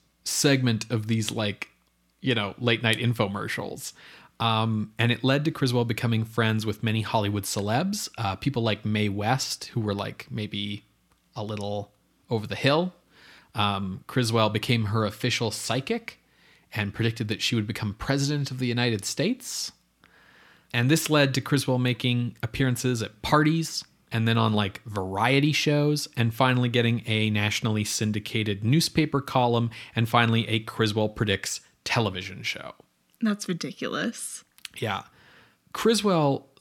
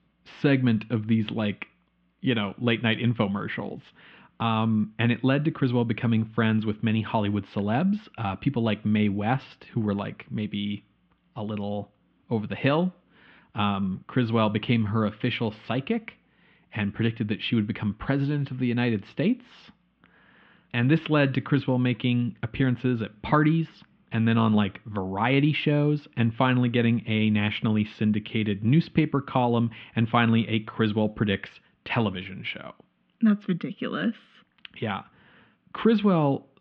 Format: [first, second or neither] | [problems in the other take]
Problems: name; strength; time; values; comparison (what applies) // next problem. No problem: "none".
first | muffled; very; fading above 3 kHz